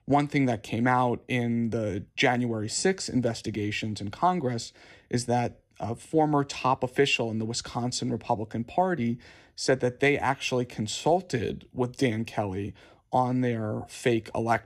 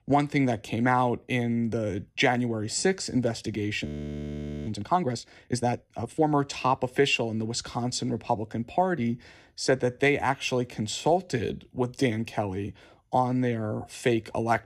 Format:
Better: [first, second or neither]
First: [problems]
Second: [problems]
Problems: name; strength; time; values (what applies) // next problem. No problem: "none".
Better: first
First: none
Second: audio freezing; at 4 s for 1 s